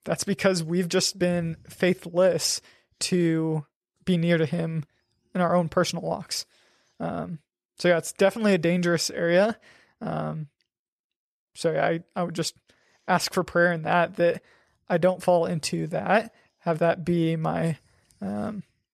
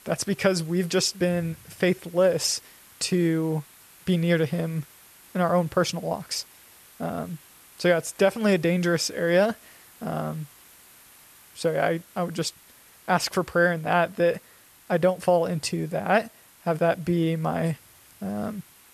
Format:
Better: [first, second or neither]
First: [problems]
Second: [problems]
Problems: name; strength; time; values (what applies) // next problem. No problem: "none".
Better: first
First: none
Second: hiss; faint; throughout; 25 dB below the speech